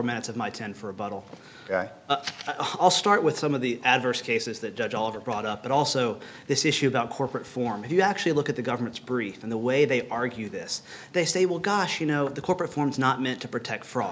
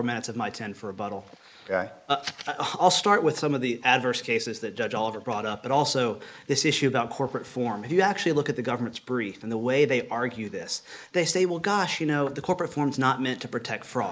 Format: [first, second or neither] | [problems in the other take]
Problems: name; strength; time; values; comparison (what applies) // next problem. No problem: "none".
first | noise reduction (neural mask model Resemble Enhance denoiser)